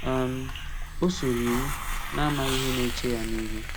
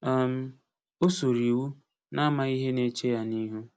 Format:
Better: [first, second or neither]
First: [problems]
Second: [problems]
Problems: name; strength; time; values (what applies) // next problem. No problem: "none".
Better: second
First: background sound (Hiss); 2 dB below the speech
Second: none